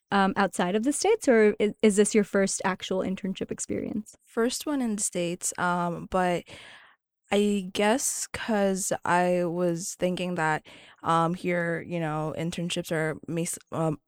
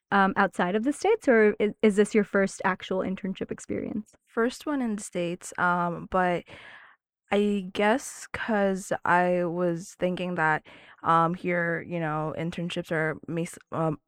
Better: first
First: none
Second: muffled; slightly; fading above 3.5 kHz

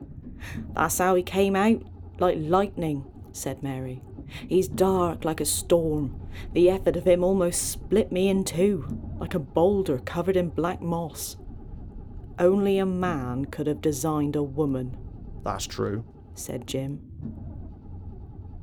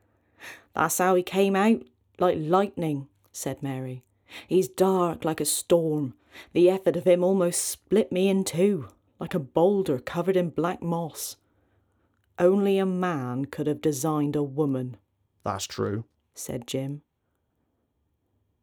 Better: second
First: low rumble; faint; throughout; 25 dB below the speech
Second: none

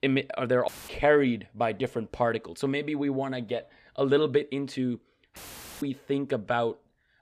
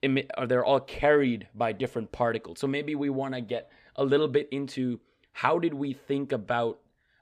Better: second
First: audio cutting out; filled with static; at 0.5 s and at 5.5 s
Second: none

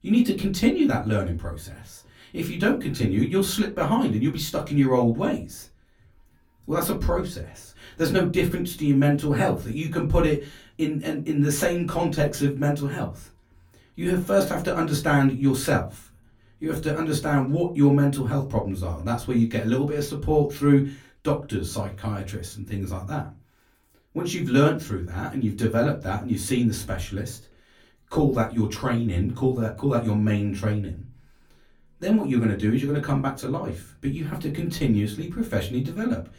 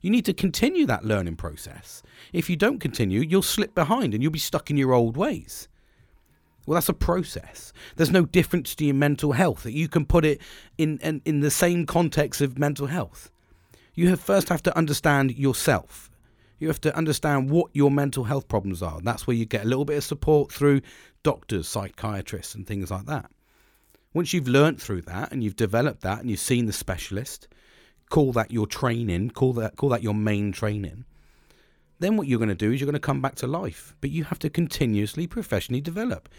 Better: second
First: off-mic speech; far // room echo; very slight; dies away in 0.3 s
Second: none

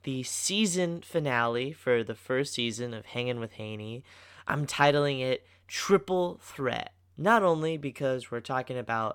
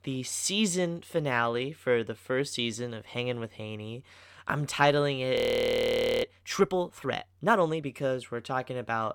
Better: first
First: none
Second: audio freezing; at 5.5 s for 1 s

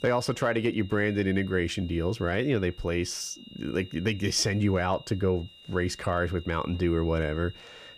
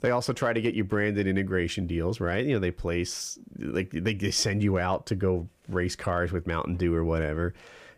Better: second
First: high-pitched whine; faint; throughout; 3 kHz, 20 dB below the speech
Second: none

